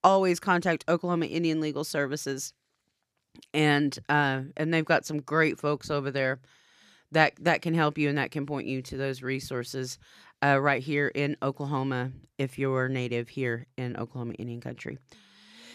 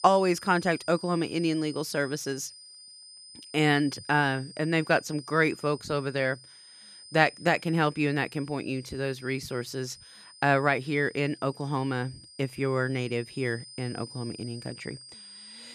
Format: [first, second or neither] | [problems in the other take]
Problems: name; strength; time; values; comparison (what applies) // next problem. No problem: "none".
first | high-pitched whine; noticeable; throughout; 5 kHz, 20 dB below the speech